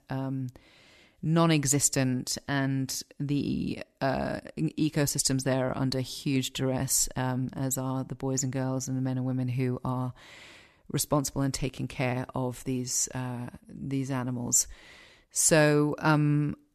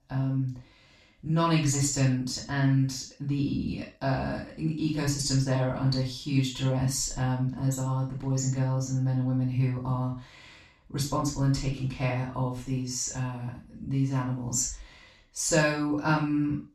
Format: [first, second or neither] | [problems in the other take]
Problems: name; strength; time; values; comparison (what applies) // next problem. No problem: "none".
first | room echo; noticeable; dies away in 0.3 s // off-mic speech; far